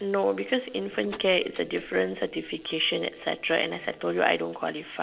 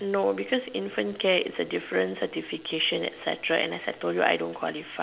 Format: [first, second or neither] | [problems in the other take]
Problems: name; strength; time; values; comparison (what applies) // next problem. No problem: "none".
second | noise reduction (neural separator model SepFormer DNS4)